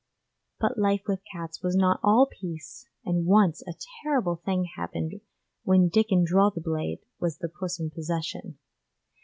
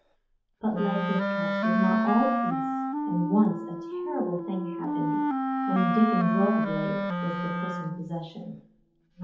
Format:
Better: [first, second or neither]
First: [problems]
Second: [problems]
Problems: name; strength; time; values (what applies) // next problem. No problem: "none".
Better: first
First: none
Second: background sound (Wind instrument, woodwind instrument); 1 dB above the speech // room echo; dies away in 0.6 s